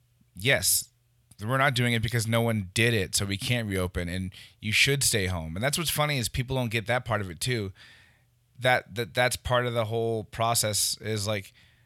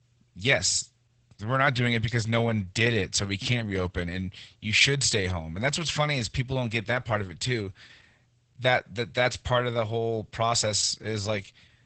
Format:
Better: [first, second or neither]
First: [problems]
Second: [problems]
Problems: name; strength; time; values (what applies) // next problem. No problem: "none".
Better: first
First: none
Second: garbled, watery; badly; nothing above 8 kHz